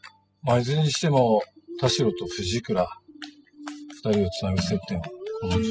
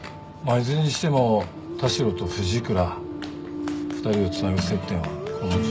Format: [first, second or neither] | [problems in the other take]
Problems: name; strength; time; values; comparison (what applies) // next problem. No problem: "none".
second | noise reduction (classical method spectral subtraction)